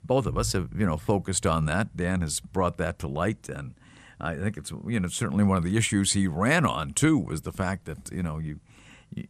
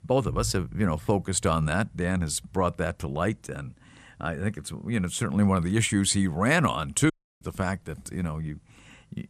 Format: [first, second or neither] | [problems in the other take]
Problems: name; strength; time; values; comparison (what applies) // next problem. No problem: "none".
first | audio cutting out; at 7 s